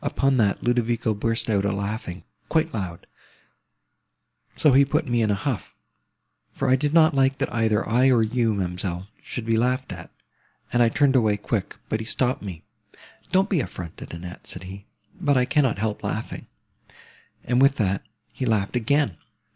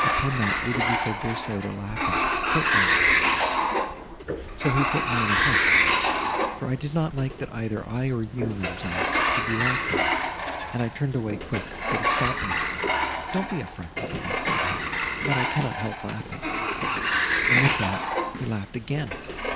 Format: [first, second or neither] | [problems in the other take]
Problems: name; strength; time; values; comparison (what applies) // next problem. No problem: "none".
first | background sound (Sliding door); 5 dB above the speech